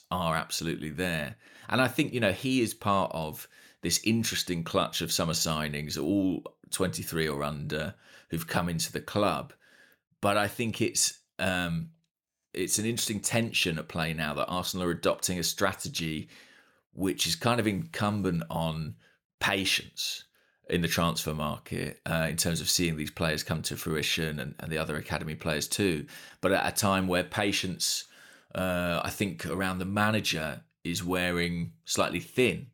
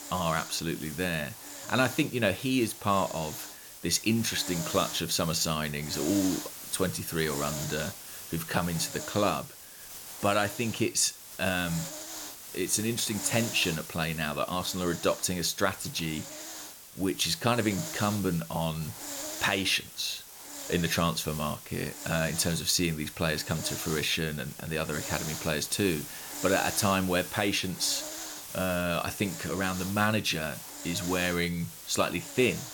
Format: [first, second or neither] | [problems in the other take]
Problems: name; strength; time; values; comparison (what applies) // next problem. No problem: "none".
first | hiss; loud; throughout; 9 dB below the speech